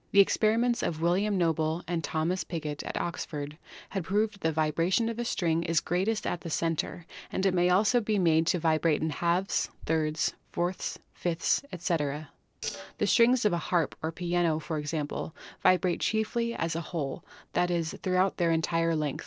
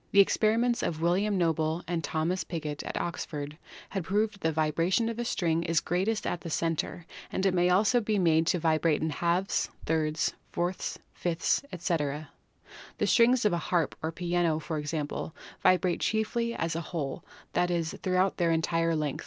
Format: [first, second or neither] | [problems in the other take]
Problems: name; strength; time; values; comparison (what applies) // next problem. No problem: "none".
second | noise reduction (neural separator model SepFormer DNS4)